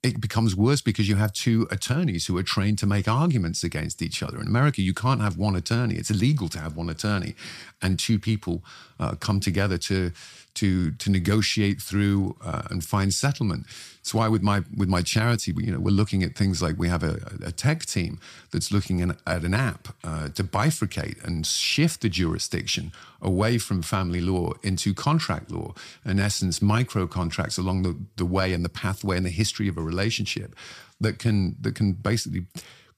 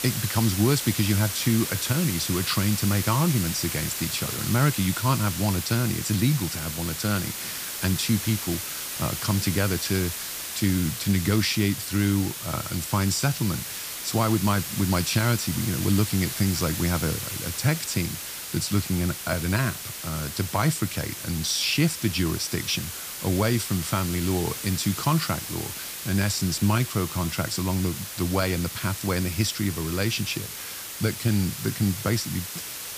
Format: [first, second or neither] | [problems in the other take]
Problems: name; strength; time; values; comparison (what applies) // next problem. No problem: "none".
first | hiss; loud; throughout; 5 dB below the speech